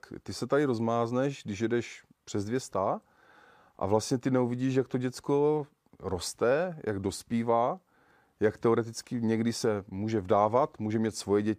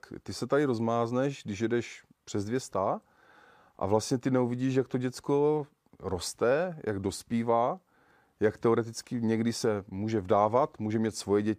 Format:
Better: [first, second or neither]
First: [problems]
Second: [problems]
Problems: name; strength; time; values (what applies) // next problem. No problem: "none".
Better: neither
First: none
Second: none